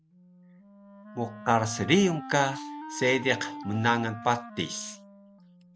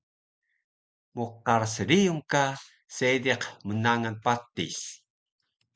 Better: second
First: background sound (Wind instrument, woodwind instrument); 14 dB below the speech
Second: none

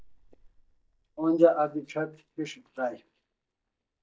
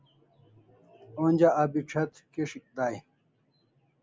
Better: second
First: noise reduction (neural mask model DeepFilterNet 3)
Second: none

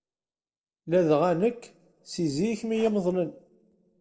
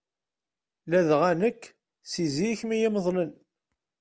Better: second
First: noise reduction (neural separator model SepFormer DNS4)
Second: none

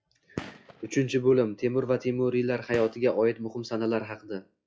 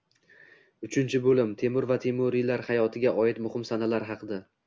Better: second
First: noise reduction (classical method log-MMSE)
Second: none

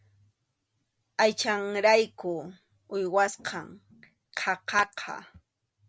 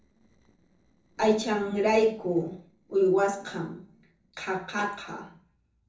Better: first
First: none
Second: noise reduction (neural separator model SepFormer DNS4)

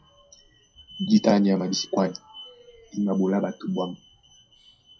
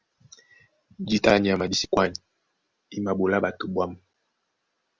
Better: second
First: noise reduction (classical method WPE with log-MMSE)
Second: none

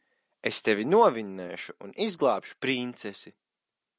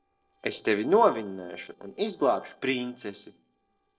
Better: first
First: none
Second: noise reduction (neural separator model SepFormer DNS4)

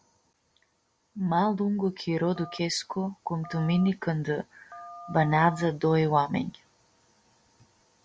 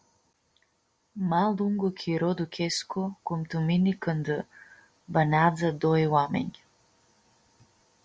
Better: second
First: background sound (Telephone); 18 dB below the speech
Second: none

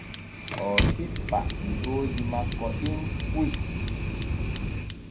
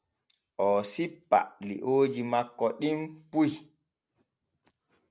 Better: second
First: background sound (Fire); 4 dB above the speech // room echo; dies away in 0.3 s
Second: none

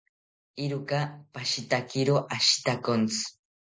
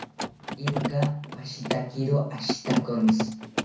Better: first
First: none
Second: background sound (Mechanisms); 3 dB below the speech // room echo; dies away in 0.6 s

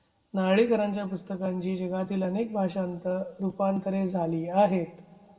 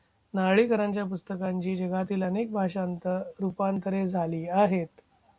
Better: second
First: room echo; dies away in 1.4 s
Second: none

